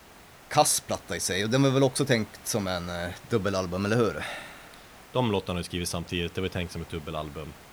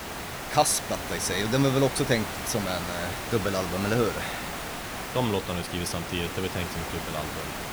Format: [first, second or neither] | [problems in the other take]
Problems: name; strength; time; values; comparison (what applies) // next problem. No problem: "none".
first | hiss; loud; throughout; 5 dB below the speech; faint in the first